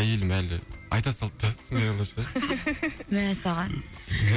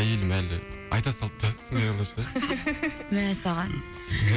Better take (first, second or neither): first